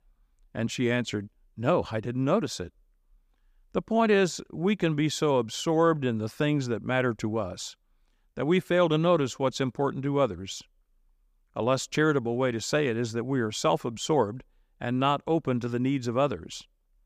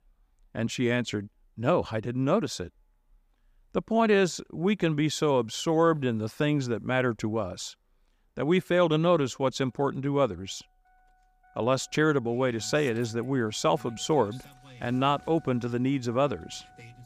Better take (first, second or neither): first